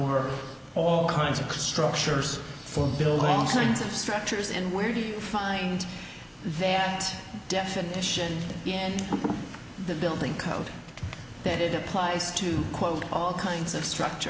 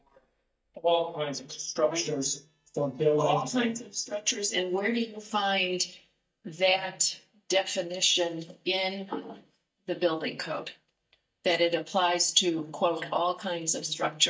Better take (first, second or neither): first